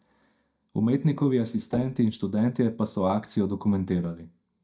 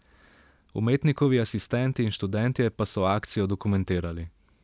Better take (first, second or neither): second